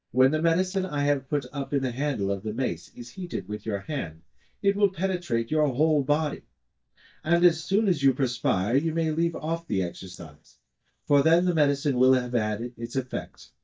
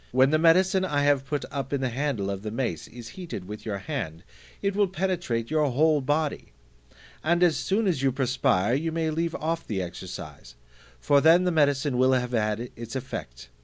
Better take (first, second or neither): second